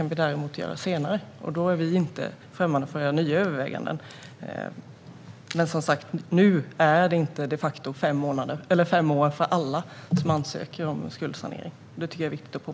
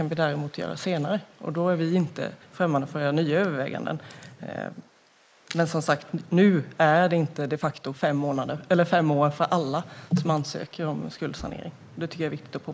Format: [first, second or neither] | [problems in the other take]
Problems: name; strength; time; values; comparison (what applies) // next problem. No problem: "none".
first | noise reduction (neural mask model Resemble Enhance denoiser)